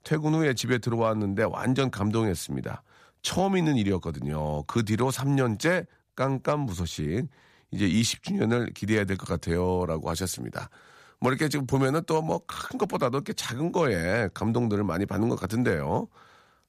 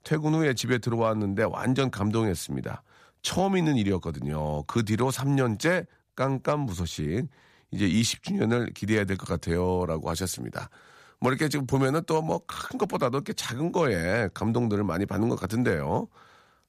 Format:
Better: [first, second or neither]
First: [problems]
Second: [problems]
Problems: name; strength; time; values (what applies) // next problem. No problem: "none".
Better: neither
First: none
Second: none